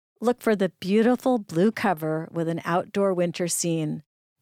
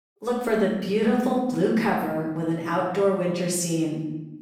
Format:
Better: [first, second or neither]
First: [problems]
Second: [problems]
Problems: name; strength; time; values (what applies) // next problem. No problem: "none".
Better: first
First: none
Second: off-mic speech; far // room echo; noticeable; dies away in 0.9 s